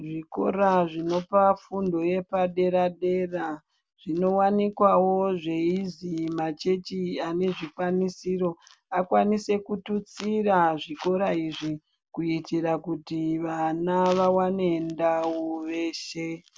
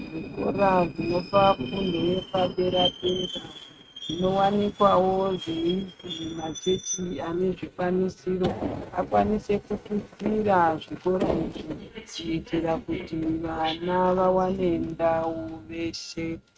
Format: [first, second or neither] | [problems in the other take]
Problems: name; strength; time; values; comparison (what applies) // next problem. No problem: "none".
first | noise reduction (neural mask model RNNoise)